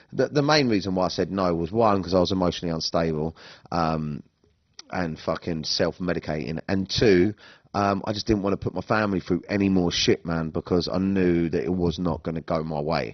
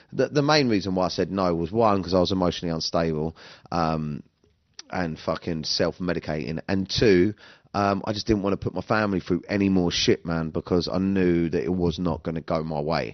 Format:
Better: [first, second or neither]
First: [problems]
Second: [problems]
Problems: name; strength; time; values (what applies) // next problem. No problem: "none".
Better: second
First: garbled, watery; badly; nothing above 6 kHz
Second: garbled, watery; slightly; nothing above 6 kHz